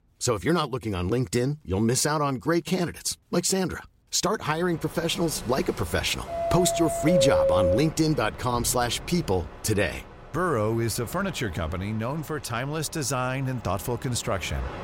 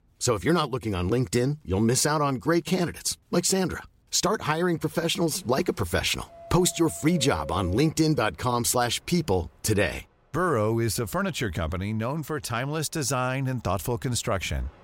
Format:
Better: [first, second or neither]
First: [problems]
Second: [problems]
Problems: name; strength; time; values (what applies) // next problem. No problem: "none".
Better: second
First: train or aircraft noise; loud; from 4.5 s on; 3 dB below the speech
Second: train or aircraft noise; faint; from 4.5 s on; 20 dB below the speech